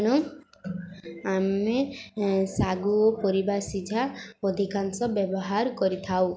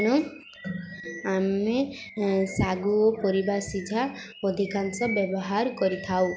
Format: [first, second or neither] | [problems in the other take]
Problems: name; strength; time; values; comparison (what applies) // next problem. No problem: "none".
first | background sound (Bird vocalization, bird call, bird song); 16 dB below the speech